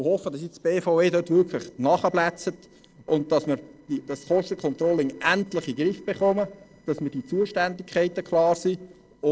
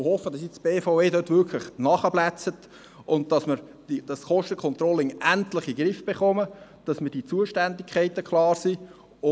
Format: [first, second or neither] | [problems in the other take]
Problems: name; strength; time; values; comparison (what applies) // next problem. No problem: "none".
second | noise reduction (neural separator model SepFormer DNS4)